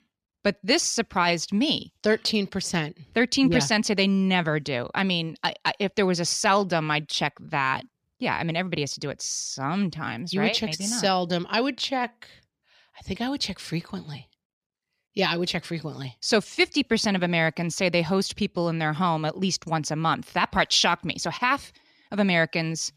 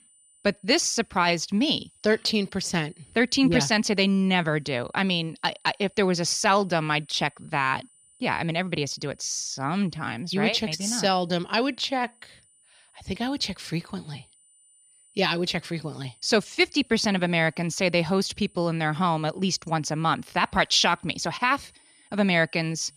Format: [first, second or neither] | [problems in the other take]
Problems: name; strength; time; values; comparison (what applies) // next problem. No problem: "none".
first | high-pitched whine; faint; throughout; 9 kHz, 30 dB below the speech